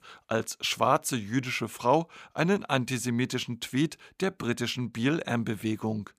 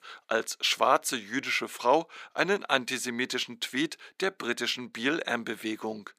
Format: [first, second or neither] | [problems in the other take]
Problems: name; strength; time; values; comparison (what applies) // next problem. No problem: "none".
first | thin; somewhat; fading below 400 Hz